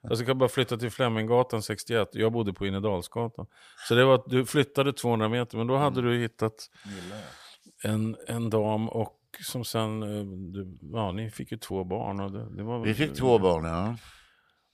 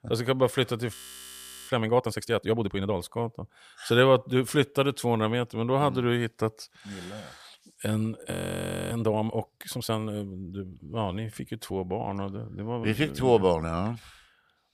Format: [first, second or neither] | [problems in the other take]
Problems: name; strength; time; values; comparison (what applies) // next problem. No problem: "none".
first | audio freezing; at 1 s for 0.5 s and at 8.5 s for 0.5 s